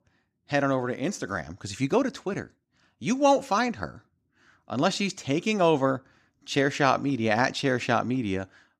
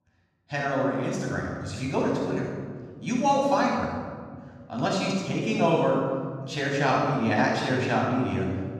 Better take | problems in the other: first | off-mic speech; far // room echo; strong; dies away in 2.4 s

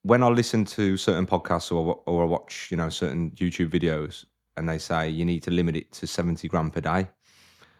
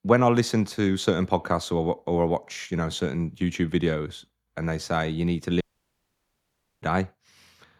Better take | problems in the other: first | audio cutting out; at 5.5 s for 1 s

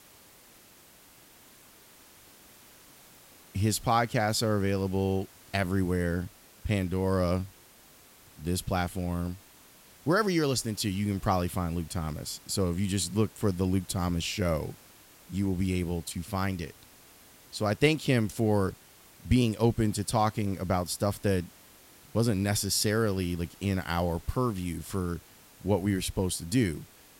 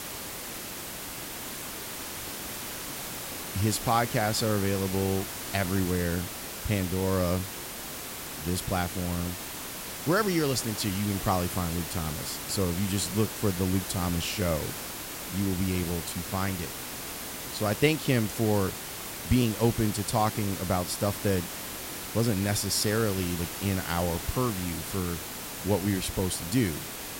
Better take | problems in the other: first | hiss; loud; throughout; 6 dB below the speech; faint in the first

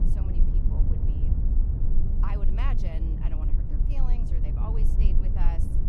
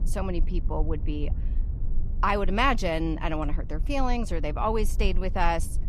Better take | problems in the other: second | low rumble; loud; throughout; 1 dB below the speech; faint in the second

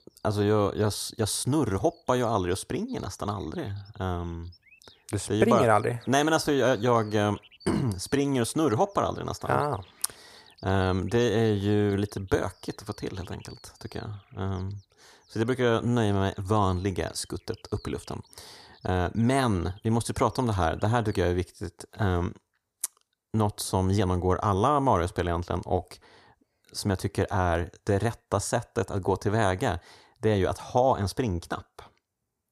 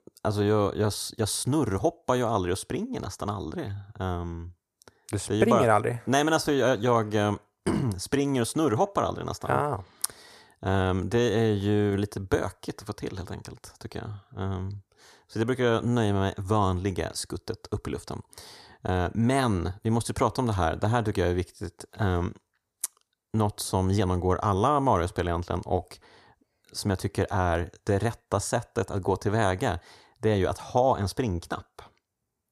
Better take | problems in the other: second | animal sounds; faint; until 21 s; 30 dB below the speech

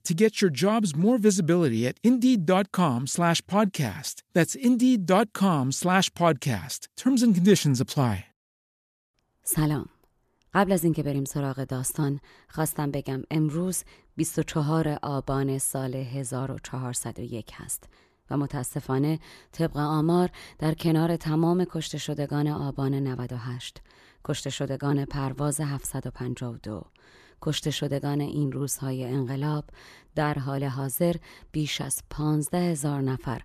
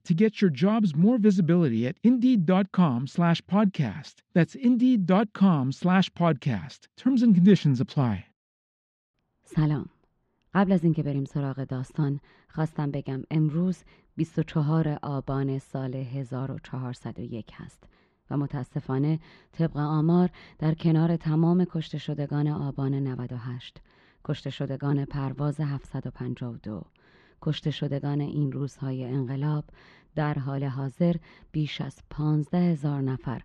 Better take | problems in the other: first | muffled; slightly; fading above 4 kHz

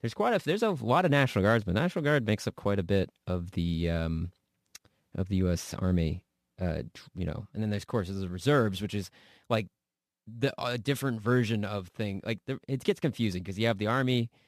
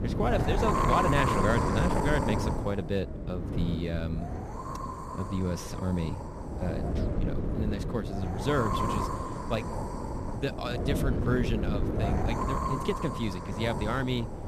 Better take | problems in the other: first | wind noise on the microphone; heavy; 1 dB above the speech

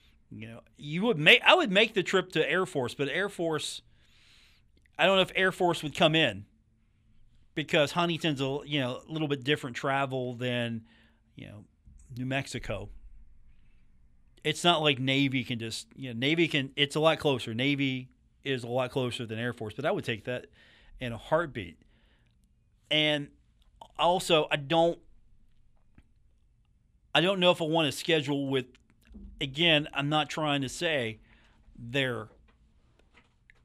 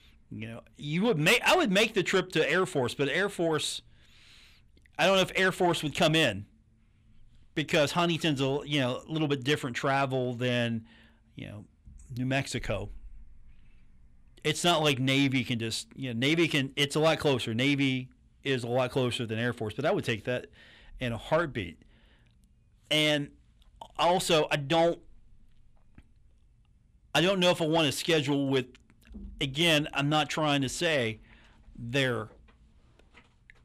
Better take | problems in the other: first | distortion; slight; 10 dB below the speech

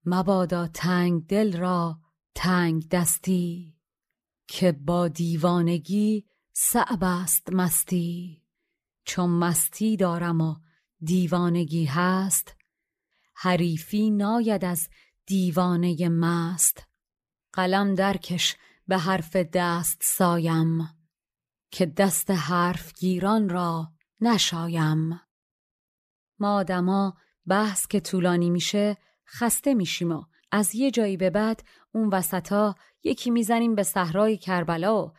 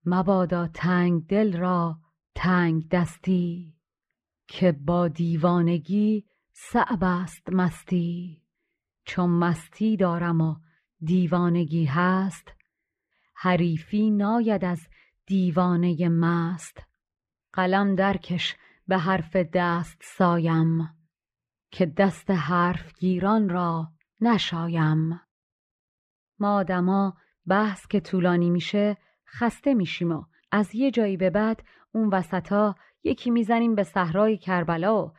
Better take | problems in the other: first | muffled; very; fading above 2.5 kHz

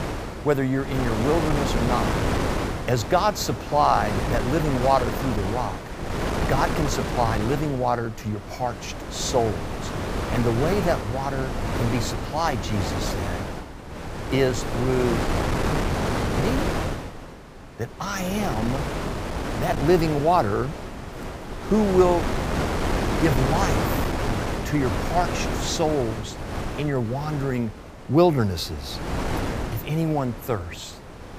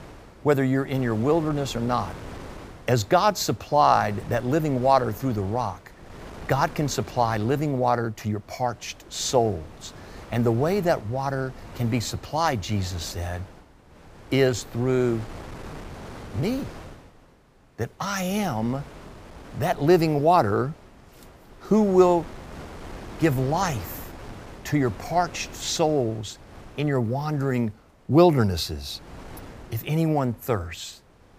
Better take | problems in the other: second | wind noise on the microphone; heavy; 4 dB below the speech; occasional gusts in the second

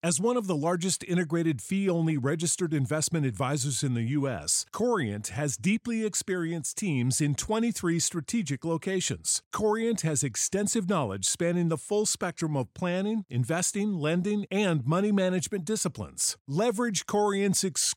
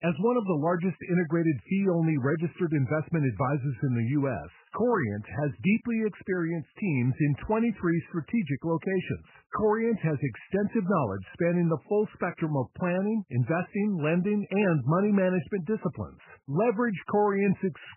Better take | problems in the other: first | garbled, watery; badly; nothing above 2.5 kHz

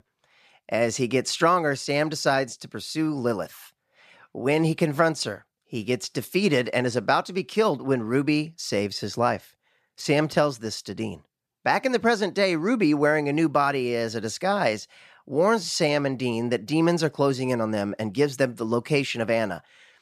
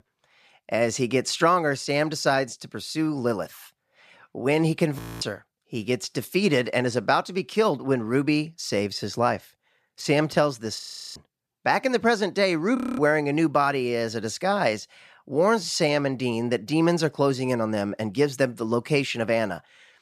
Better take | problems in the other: first | audio freezing; at 5 s, at 11 s and at 13 s

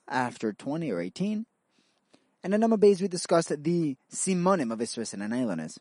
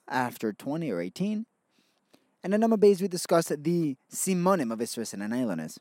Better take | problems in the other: second | garbled, watery; slightly; nothing above 10 kHz

